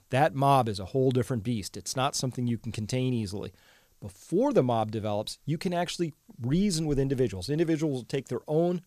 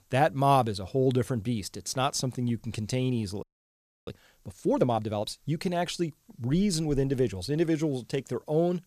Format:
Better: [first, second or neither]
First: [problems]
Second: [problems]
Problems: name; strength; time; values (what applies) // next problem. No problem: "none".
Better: first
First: none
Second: audio freezing; at 3.5 s for 0.5 s